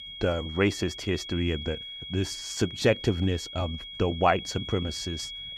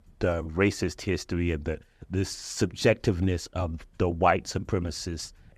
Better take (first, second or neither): second